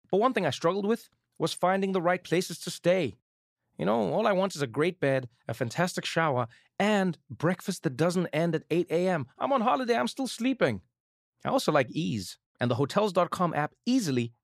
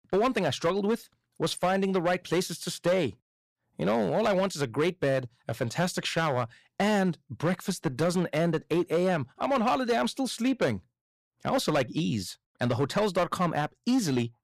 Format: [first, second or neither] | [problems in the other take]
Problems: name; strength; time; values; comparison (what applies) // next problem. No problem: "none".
first | distortion; slight; 7% of the sound clipped